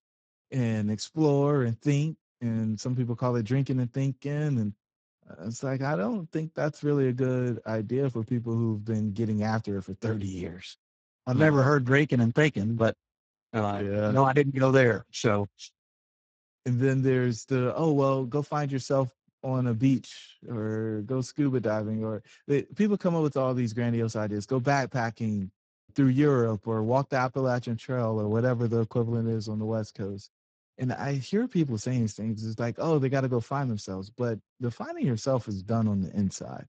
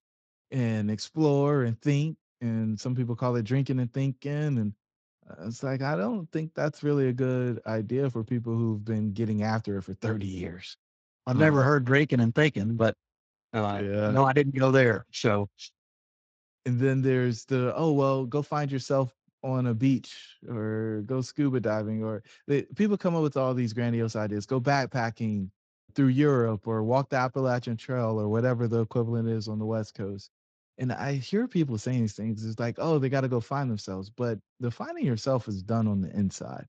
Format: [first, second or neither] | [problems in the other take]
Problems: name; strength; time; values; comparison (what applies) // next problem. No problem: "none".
second | garbled, watery; badly; nothing above 7.5 kHz; slightly in the second